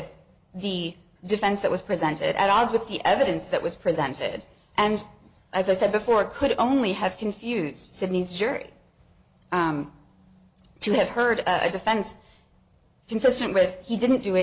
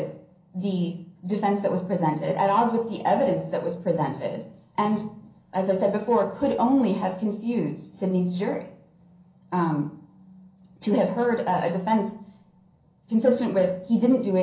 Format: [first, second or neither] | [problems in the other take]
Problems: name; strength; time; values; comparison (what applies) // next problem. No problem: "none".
first | room echo; dies away in 0.6 s